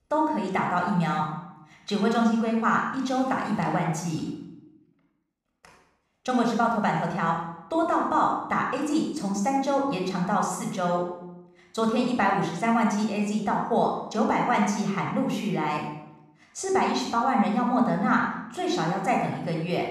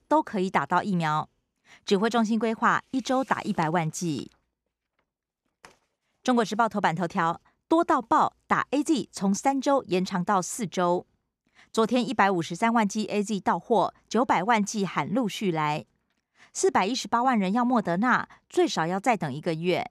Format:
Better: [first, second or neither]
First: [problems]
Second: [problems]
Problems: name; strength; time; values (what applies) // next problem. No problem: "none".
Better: second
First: off-mic speech; somewhat distant // room echo; noticeable; dies away in 0.7 s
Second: none